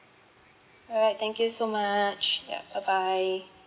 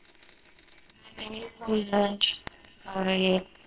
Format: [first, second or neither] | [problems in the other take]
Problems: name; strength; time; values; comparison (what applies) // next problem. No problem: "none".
first | noise reduction (neural separator model SepFormer WHAMR!)